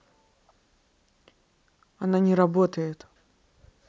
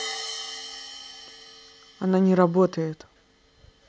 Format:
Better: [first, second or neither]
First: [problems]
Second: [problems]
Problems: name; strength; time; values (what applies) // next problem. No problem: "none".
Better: first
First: none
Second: background sound (Hi-hat); 13 dB below the speech